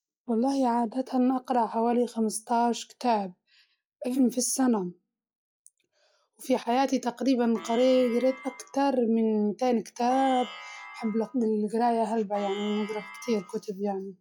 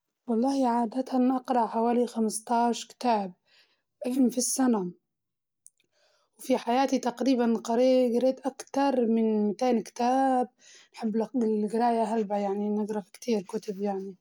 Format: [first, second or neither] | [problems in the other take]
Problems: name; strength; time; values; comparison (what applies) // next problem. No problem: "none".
second | noise reduction (classical method log-MMSE)